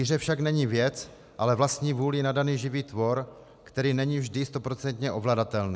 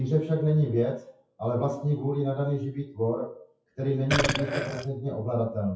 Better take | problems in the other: first | noise reduction (classical method WPE with log-MMSE)

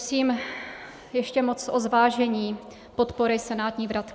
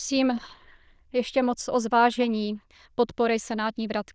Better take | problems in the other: first | noise reduction (neural diffusion model UNIVERSE++)

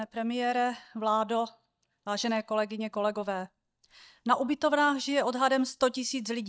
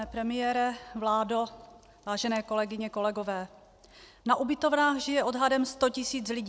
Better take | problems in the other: second | noise reduction (neural mask model DeepFilterNet 3)

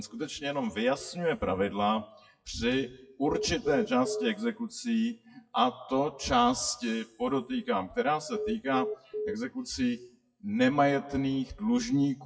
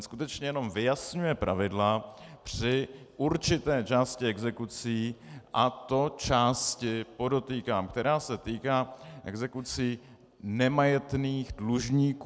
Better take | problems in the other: second | noise reduction (classical method WPE with log-MMSE)

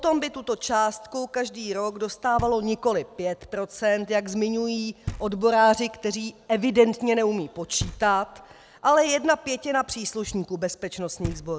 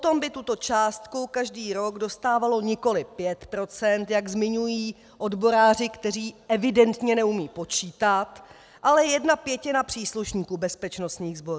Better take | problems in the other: second | background sound (Knock); 17 dB below the speech

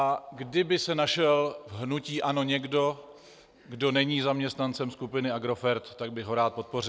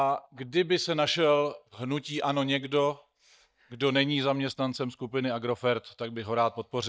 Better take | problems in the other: first | noise reduction (neural mask model DeepFilterNet 3)

